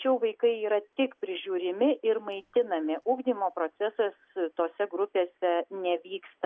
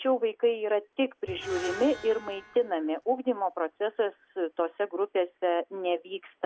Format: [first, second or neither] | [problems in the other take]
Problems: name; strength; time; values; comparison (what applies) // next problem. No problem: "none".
first | background sound (Screech); 14 dB below the speech